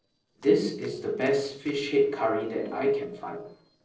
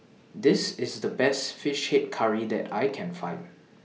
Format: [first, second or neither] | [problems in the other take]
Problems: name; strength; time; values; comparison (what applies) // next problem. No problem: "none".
second | noise reduction (neural separator model SepFormer DNS4)